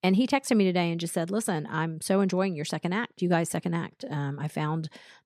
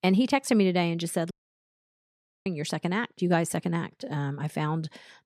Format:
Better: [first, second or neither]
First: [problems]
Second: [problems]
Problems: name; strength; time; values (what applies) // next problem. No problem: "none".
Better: first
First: none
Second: audio cutting out; at 1.5 s for 1 s